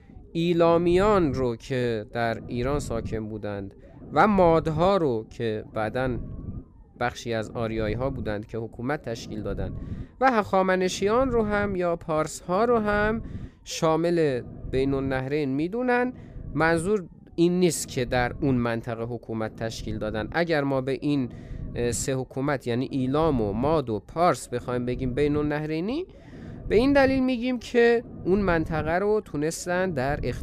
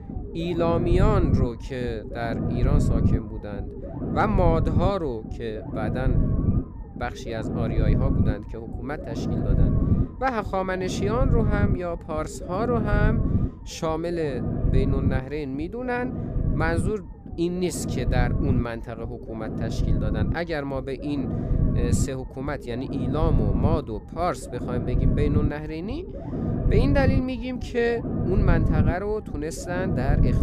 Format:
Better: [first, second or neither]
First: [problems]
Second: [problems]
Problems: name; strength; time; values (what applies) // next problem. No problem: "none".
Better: first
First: low rumble; faint; throughout; 25 dB below the speech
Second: low rumble; loud; throughout; 6 dB below the speech